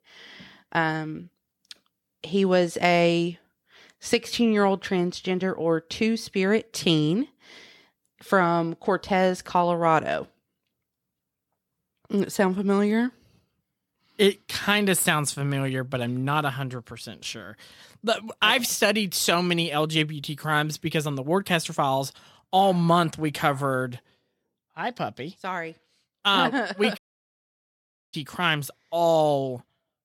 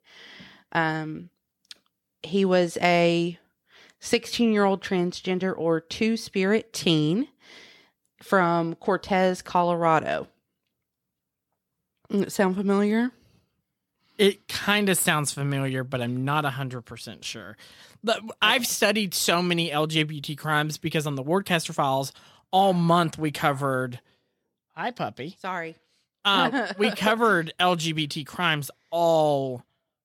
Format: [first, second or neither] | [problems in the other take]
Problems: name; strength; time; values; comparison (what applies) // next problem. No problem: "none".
second | audio cutting out; at 27 s for 1 s